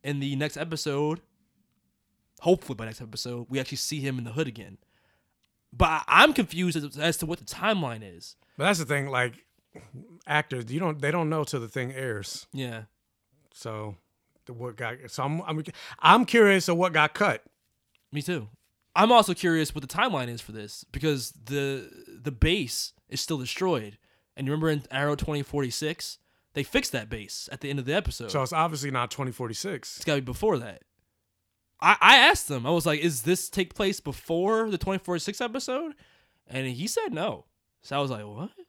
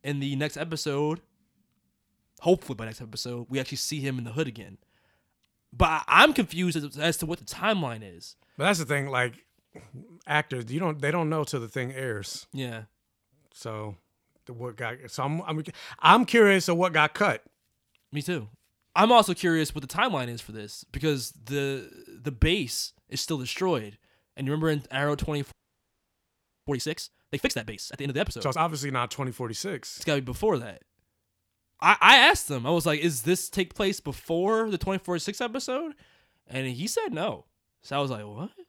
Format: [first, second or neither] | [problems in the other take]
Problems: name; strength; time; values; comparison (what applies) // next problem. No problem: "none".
first | audio freezing; at 26 s for 1 s